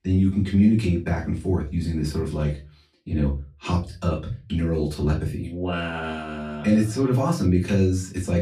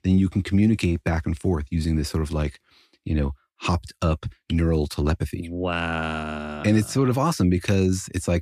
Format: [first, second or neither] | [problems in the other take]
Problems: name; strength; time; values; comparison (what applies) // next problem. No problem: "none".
second | off-mic speech; far // room echo; slight; dies away in 0.3 s